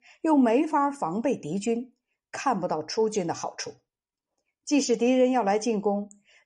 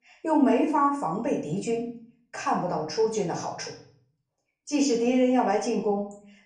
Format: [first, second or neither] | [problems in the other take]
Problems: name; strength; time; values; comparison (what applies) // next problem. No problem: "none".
first | room echo; slight; dies away in 0.5 s // off-mic speech; far